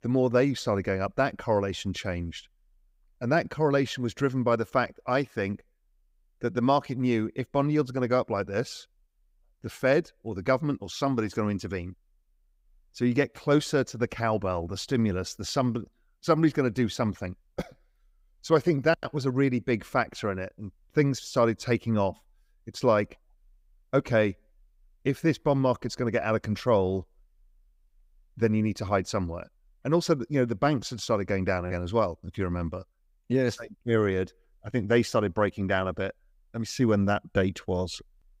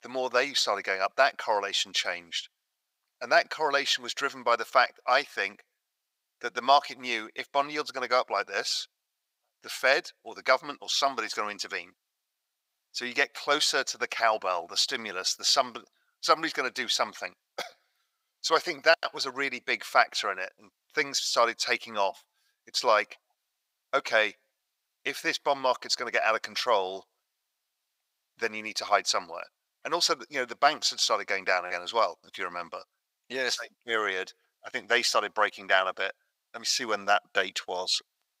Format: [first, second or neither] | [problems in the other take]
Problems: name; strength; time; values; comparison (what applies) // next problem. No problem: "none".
first | thin; very; fading below 950 Hz